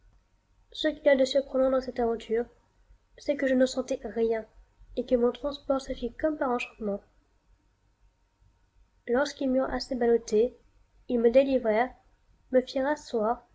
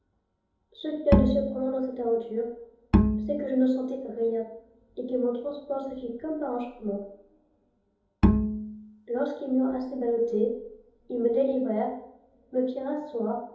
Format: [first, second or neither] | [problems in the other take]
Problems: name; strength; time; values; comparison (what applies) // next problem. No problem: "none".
first | background sound (Bowed string instrument); 4 dB above the speech // room echo; dies away in 2.8 s